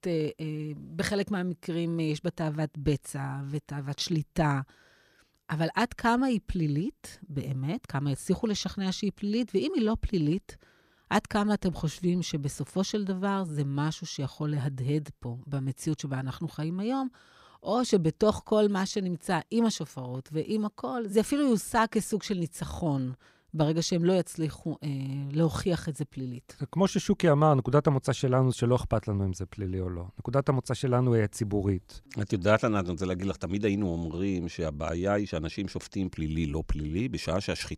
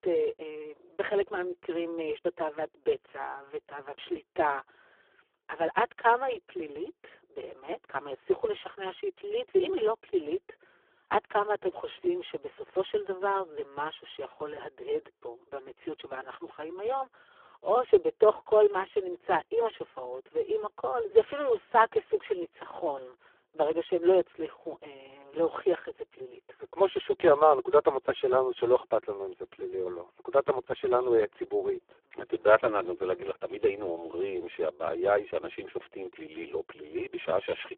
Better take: first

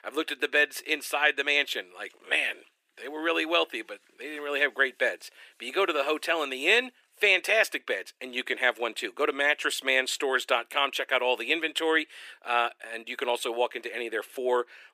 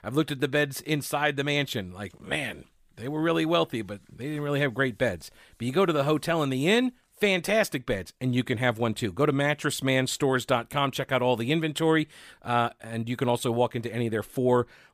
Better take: second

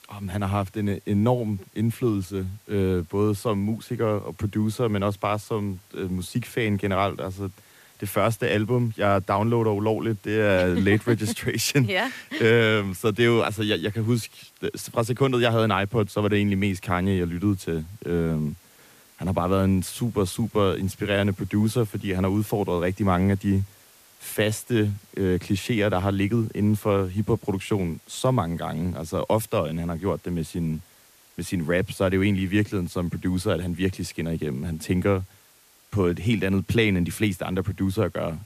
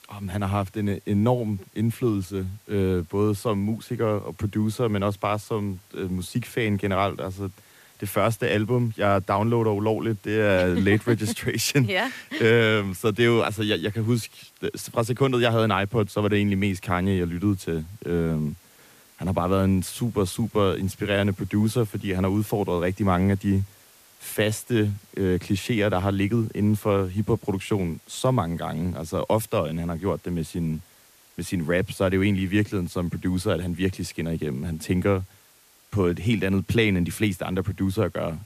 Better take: neither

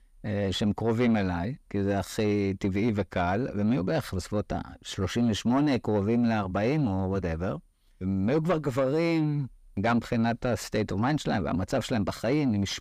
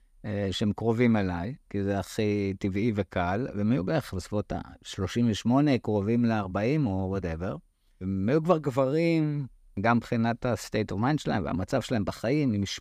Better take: second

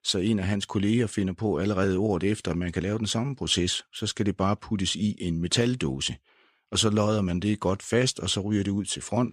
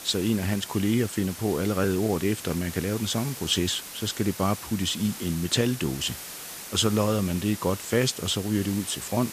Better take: first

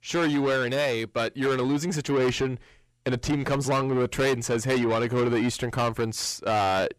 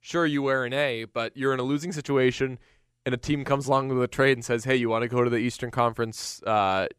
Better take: second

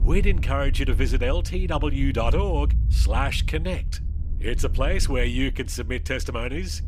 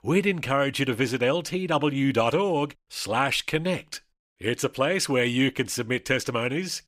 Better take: second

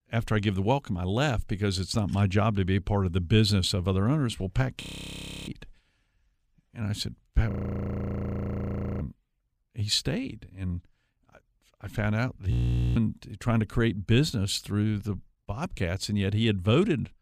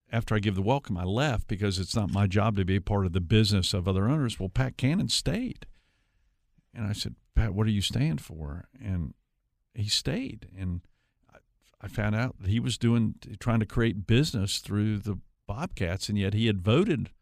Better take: second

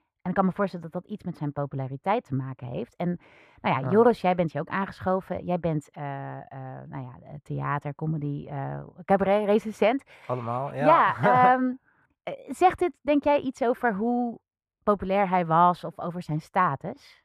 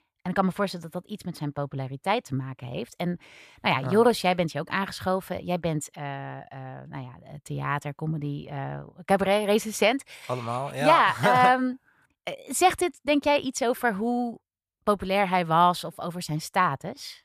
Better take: second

